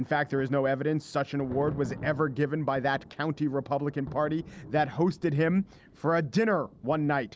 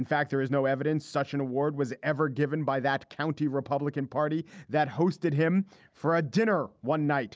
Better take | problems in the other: second | background sound (Thunder); 17 dB below the speech

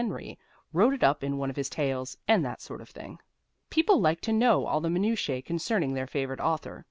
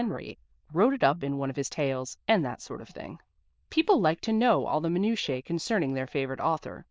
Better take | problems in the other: first | noise reduction (neural diffusion model UNIVERSE++)

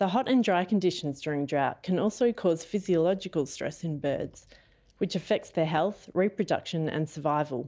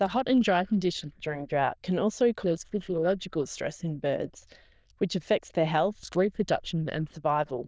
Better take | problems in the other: first | noise reduction (neural diffusion model UNIVERSE++)

